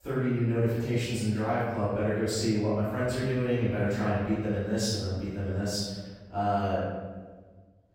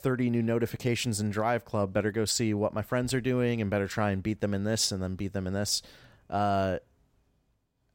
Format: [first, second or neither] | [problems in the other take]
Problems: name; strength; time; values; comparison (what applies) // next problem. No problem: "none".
second | off-mic speech; far // room echo; strong; dies away in 1.4 s